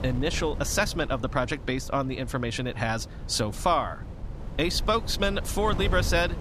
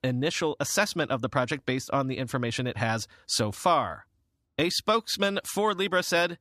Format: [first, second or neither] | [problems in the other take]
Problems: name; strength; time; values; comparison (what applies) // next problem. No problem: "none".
second | wind noise on the microphone; occasional gusts; 15 dB below the speech